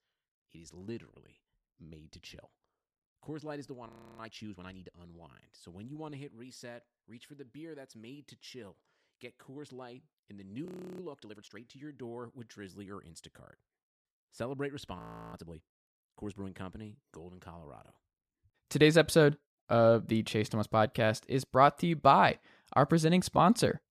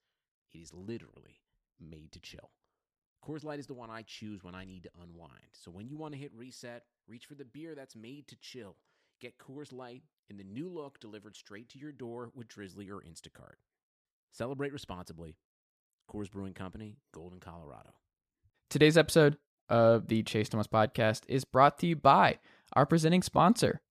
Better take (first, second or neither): second